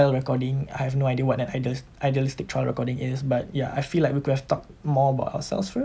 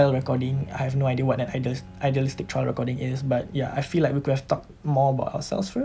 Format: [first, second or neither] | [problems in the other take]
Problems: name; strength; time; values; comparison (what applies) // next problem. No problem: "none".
first | background sound (Bowed string instrument); 20 dB below the speech